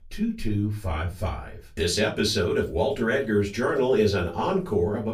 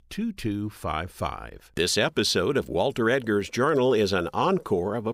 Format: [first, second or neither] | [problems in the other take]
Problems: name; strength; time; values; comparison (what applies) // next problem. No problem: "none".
second | off-mic speech; far // room echo; very slight; dies away in 0.2 s